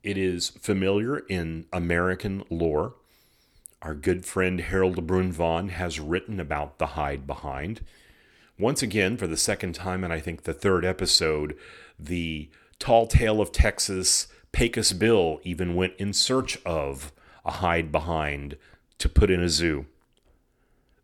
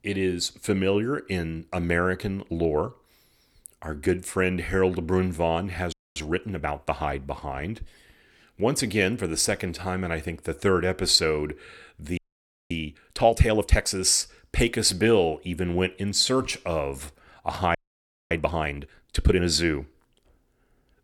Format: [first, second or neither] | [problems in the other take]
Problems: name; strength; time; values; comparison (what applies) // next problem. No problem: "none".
first | audio freezing; at 6 s, at 12 s for 0.5 s and at 18 s for 0.5 s